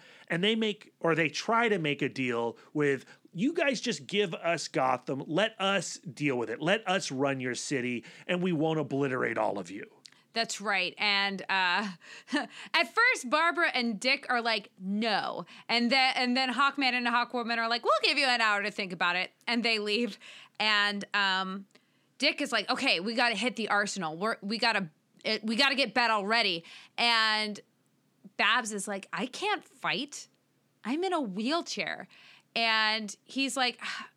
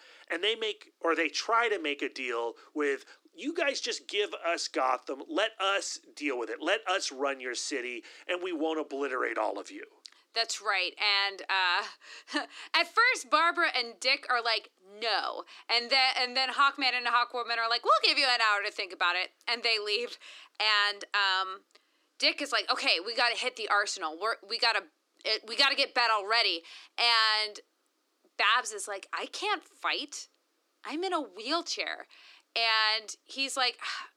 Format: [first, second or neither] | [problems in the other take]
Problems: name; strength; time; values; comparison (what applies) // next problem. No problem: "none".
first | thin; somewhat; fading below 300 Hz